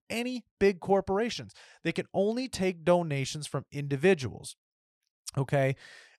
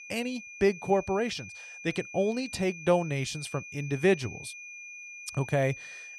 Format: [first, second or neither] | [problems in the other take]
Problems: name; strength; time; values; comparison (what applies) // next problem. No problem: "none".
first | high-pitched whine; noticeable; throughout; 2.5 kHz, 15 dB below the speech